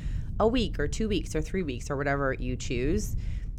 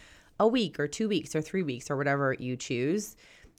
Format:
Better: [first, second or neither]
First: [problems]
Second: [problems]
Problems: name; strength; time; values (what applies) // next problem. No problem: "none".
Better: second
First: low rumble; faint; throughout; 20 dB below the speech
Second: none